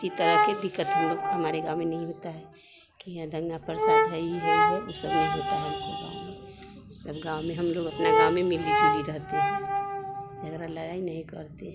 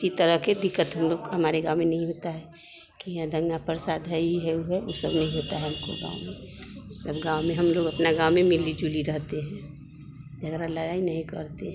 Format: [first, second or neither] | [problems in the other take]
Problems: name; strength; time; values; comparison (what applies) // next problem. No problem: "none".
second | background sound (Brass instrument); 3 dB above the speech